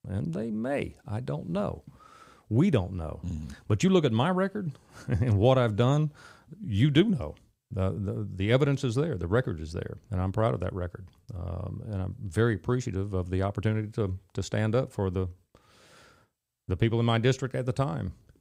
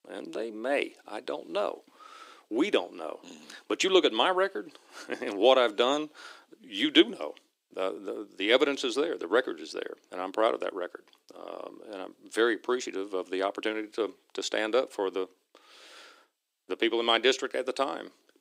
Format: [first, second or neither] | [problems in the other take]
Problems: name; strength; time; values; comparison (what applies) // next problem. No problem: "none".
first | thin; very; fading below 300 Hz